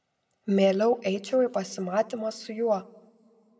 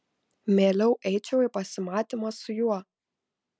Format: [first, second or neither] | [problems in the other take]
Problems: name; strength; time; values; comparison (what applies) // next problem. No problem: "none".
second | room echo; dies away in 0.6 s